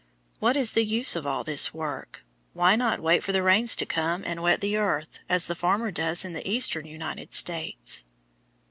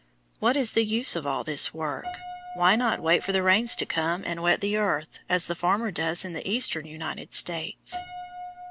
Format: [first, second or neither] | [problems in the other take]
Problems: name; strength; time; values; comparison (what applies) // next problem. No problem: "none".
first | background sound (Piano); 16 dB below the speech